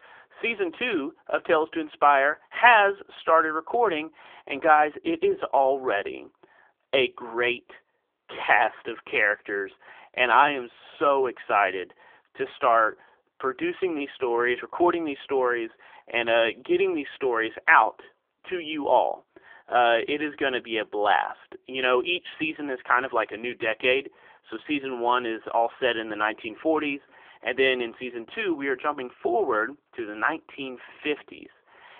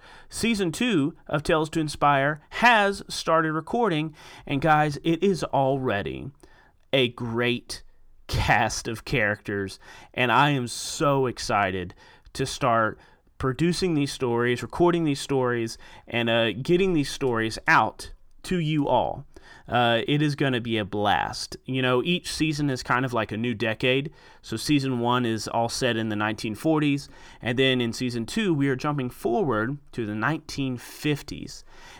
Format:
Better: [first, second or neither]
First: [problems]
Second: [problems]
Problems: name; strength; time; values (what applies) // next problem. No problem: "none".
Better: second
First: phone-call audio; poor line; nothing above 3.5 kHz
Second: none